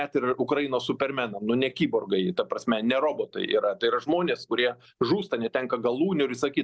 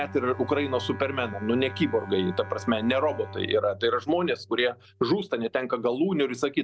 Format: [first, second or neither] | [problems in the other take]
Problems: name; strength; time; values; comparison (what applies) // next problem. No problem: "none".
first | background sound (Bowed string instrument); 15 dB below the speech